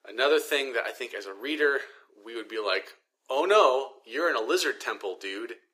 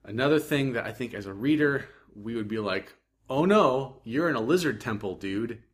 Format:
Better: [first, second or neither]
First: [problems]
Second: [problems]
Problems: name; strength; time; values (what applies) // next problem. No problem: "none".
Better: second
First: thin; very; fading below 400 Hz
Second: none